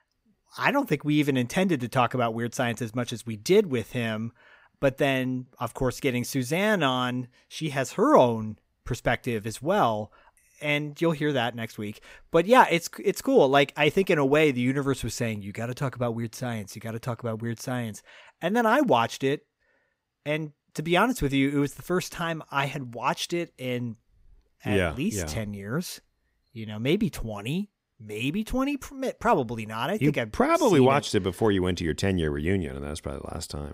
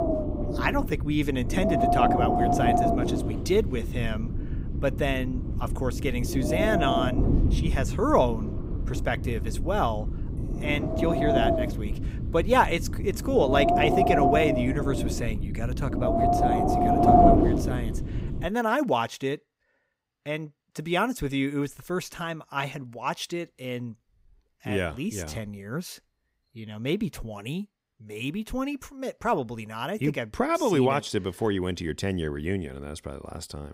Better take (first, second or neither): first